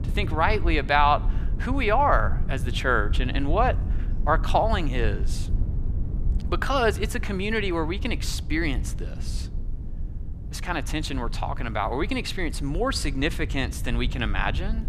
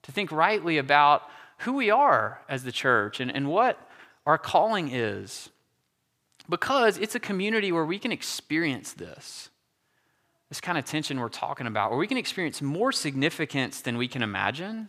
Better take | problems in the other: second | low rumble; faint; throughout; 20 dB below the speech

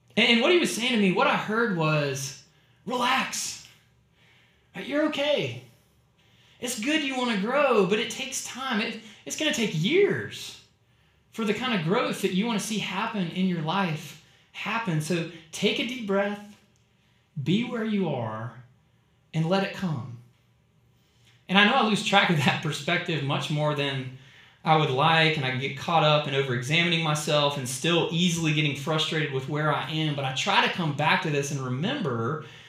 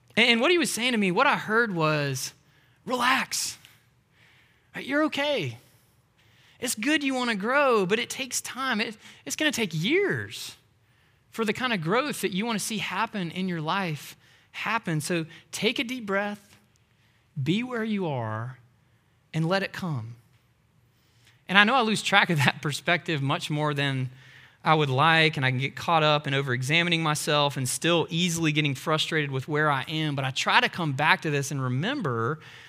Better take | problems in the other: second | room echo; slight; dies away in 0.4 s // off-mic speech; somewhat distant

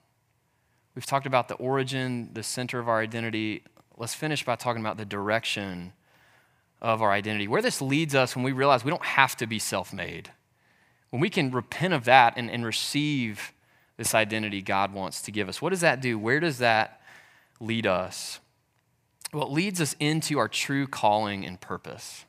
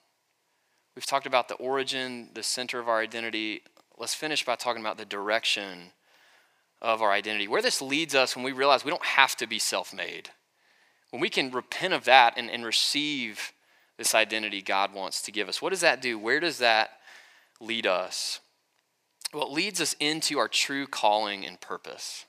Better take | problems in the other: first | thin; somewhat; fading below 400 Hz

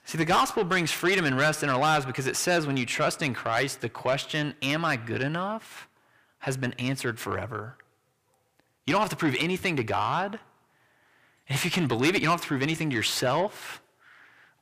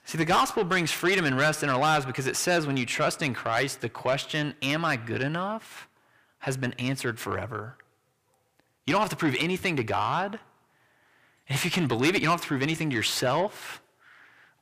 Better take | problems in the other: neither | distortion; heavy; 6 dB below the speech; the same in both

